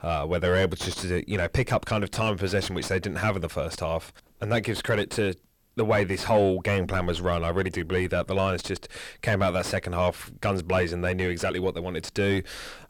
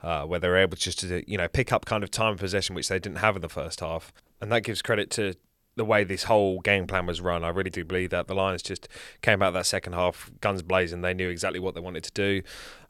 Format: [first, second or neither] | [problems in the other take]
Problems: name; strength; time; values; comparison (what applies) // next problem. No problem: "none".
second | distortion; heavy; 6 dB below the speech